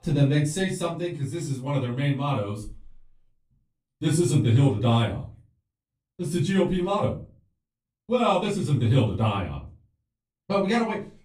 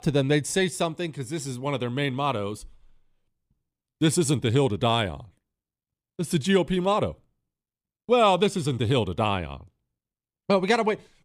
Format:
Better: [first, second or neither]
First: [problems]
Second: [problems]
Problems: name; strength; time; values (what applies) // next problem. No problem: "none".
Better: second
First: off-mic speech; far // room echo; slight; dies away in 0.3 s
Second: none